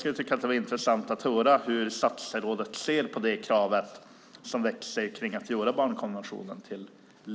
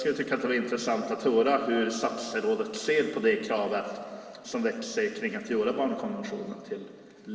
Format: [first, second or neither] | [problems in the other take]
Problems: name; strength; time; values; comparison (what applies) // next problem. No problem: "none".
first | room echo; dies away in 2.9 s